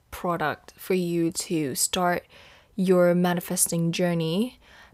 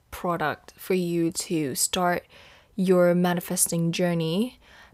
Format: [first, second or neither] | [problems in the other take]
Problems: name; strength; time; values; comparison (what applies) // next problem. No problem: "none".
neither | none